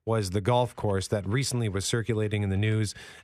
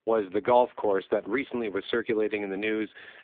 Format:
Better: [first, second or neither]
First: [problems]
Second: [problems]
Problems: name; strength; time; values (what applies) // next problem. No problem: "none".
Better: first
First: none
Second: phone-call audio; poor line; nothing above 3.5 kHz